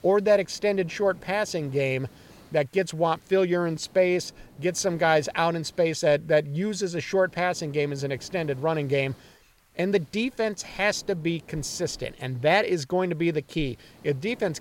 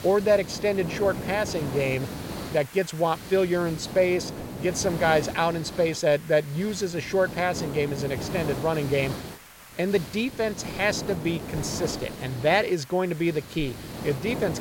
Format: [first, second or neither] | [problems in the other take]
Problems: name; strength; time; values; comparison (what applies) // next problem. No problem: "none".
first | hiss; loud; throughout; 10 dB below the speech; faint in the first